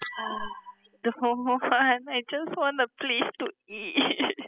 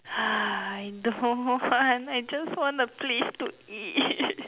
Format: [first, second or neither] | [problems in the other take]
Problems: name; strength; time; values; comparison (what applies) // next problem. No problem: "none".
second | noise reduction (classical method spectral subtraction)